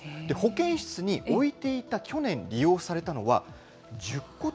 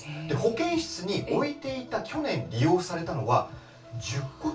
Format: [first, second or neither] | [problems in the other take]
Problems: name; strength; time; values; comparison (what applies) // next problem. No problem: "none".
first | room echo; dies away in 0.2 s